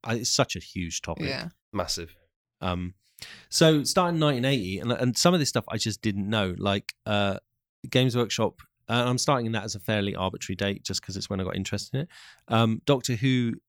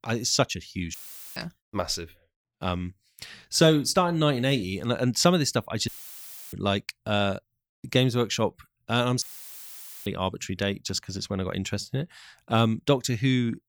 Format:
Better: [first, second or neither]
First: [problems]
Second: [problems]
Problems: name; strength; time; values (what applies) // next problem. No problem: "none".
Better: first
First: none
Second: audio cutting out; filled with static; at 1 s, at 6 s for 0.5 s and at 9 s for 1 s